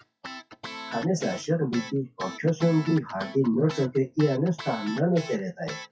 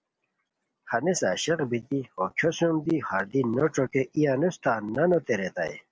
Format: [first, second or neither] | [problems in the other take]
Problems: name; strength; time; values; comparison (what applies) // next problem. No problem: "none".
second | noise reduction (classical method WPE with log-MMSE)